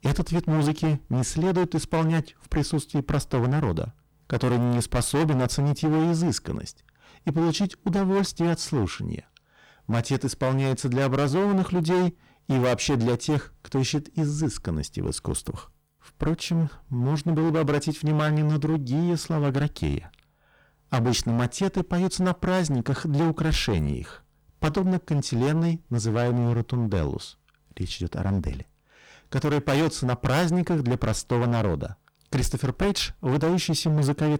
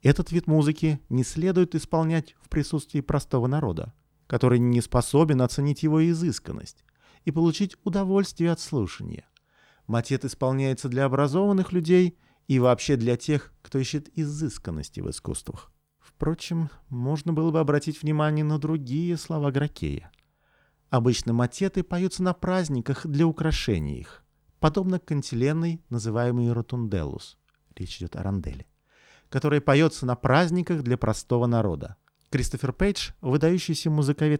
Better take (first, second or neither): second